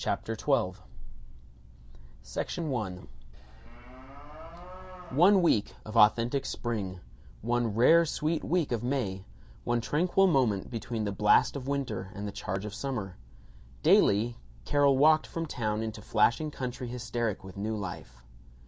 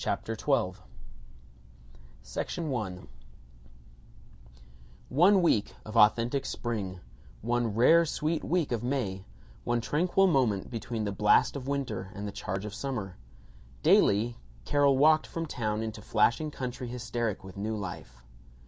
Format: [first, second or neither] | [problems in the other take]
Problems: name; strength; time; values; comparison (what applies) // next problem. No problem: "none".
second | background sound (Livestock, farm animals, working animals); 16 dB below the speech